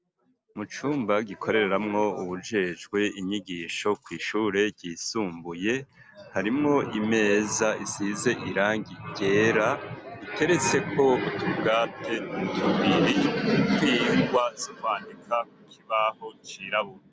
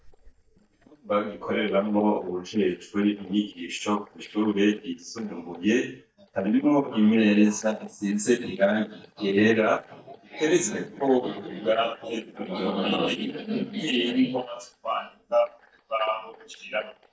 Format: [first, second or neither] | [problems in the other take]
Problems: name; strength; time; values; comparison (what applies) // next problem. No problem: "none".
first | noise reduction (neural mask model DeepFilterNet 3)